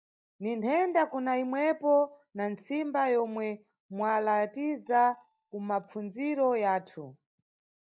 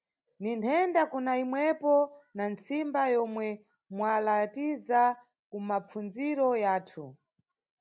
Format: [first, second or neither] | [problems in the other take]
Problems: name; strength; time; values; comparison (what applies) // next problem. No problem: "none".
second | noise reduction (neural mask model DeepFilterNet 3)